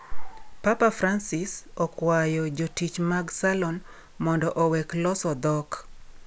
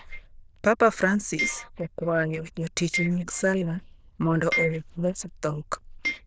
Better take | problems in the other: first | noise reduction (neural diffusion model UNIVERSE++)

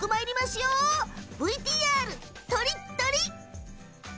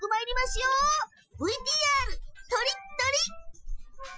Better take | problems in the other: first | noise reduction (classical method Wiener filter)

